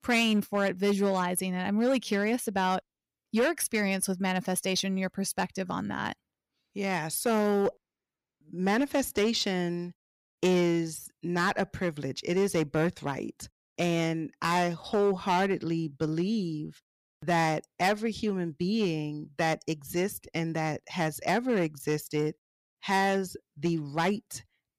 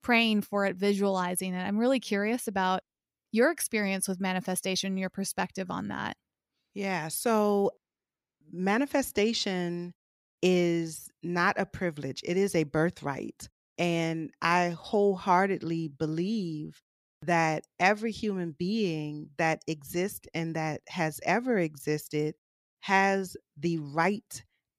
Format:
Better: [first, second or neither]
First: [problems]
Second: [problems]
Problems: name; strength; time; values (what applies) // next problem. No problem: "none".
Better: second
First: distortion; slight; 4% of the sound clipped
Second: none